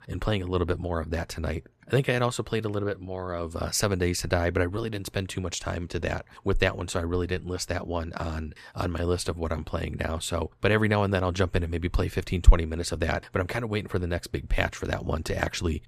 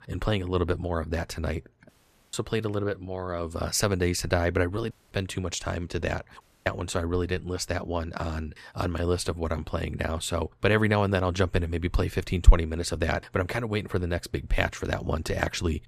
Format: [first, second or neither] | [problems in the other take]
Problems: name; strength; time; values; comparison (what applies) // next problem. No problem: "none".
first | audio cutting out; at 2 s, at 5 s and at 6.5 s